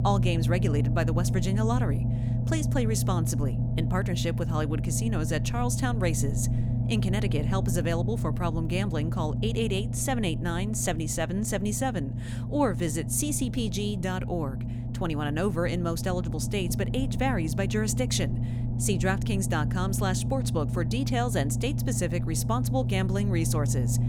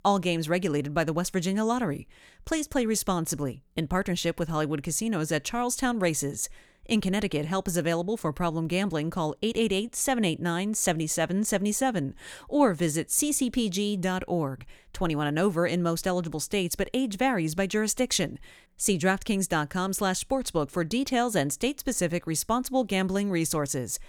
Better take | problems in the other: second | low rumble; loud; throughout; 9 dB below the speech

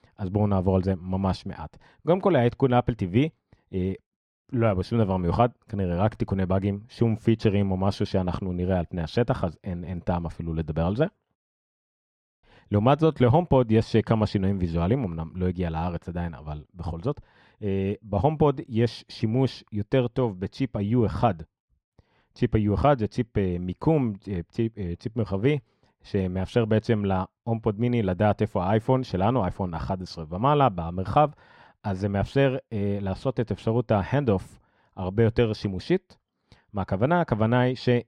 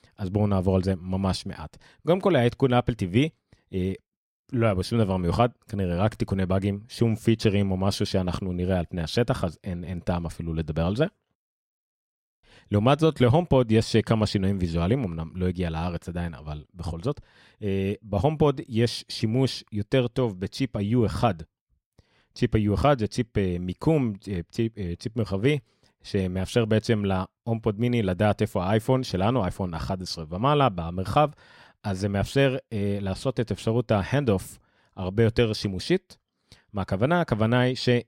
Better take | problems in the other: second | muffled; slightly; fading above 2 kHz

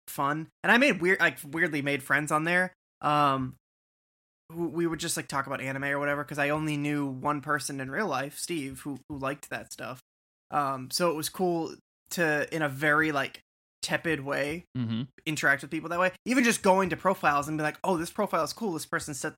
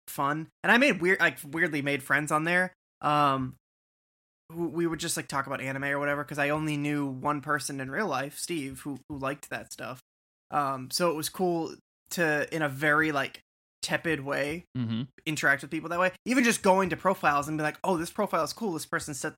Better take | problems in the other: neither | none

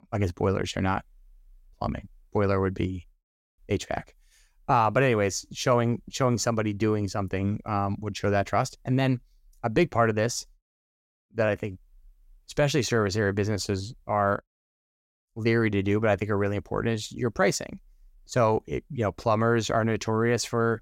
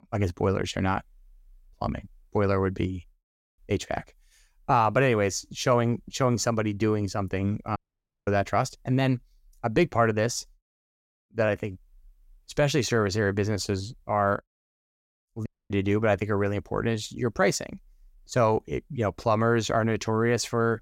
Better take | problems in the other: first | audio cutting out; at 8 s for 0.5 s and at 15 s

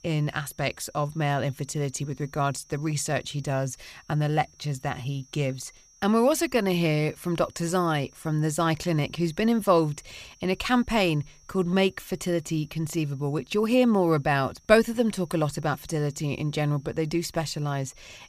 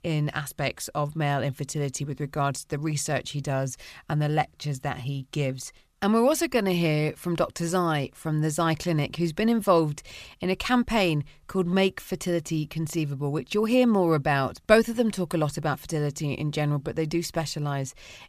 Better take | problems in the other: second | high-pitched whine; faint; throughout; 5.5 kHz, 30 dB below the speech

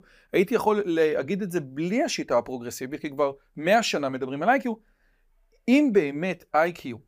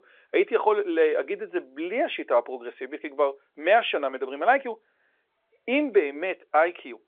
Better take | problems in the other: first | phone-call audio; nothing above 3.5 kHz

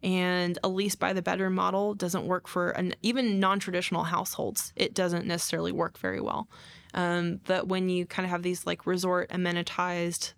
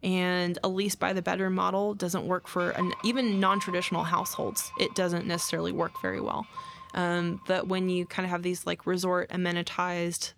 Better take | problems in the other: first | household noises; noticeable; throughout; 10 dB below the speech

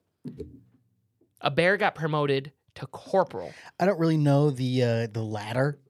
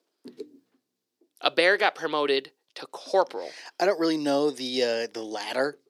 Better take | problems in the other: first | thin; somewhat; fading below 300 Hz

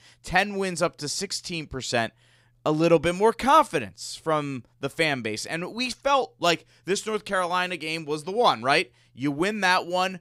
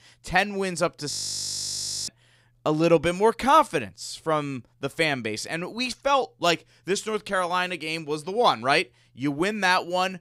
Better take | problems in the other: first | audio freezing; at 1 s for 1 s

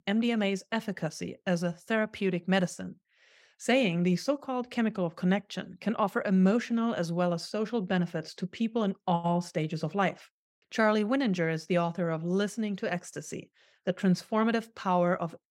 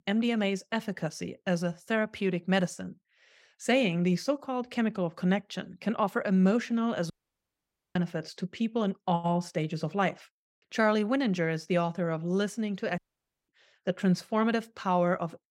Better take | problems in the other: first | audio cutting out; at 7 s for 1 s and at 13 s for 0.5 s

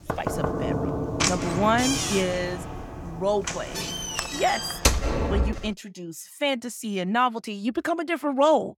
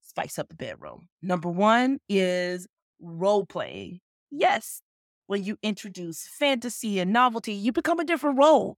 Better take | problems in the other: second | door banging; loud; until 5.5 s; peak 4 dB above the speech

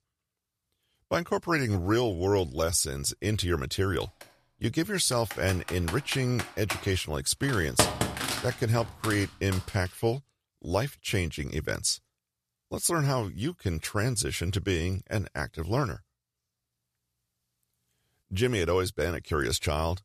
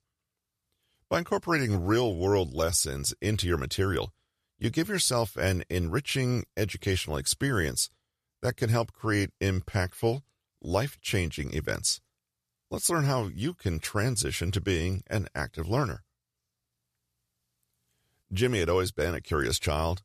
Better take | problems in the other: second | keyboard typing; loud; from 5 to 9.5 s; peak 3 dB above the speech

